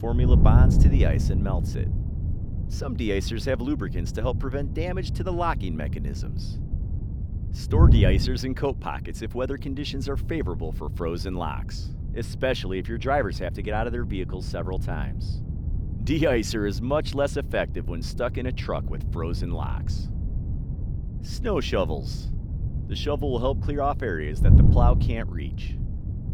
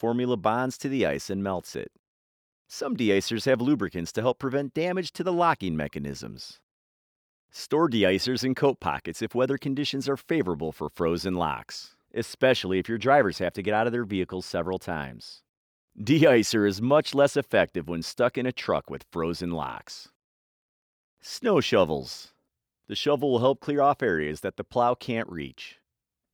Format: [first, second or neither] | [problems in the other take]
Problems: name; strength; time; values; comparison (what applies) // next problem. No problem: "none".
second | wind noise on the microphone; occasional gusts; 10 dB below the speech